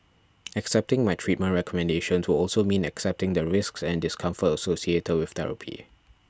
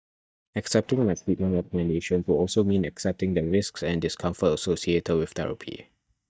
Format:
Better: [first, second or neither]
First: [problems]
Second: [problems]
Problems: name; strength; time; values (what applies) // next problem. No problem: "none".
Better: first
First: none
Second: noise reduction (neural mask model DeepFilterNet 3)